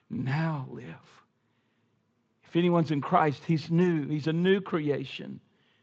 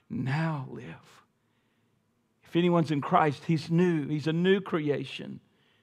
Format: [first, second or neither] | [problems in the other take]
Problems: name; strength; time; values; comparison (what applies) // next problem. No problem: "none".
second | garbled, watery; slightly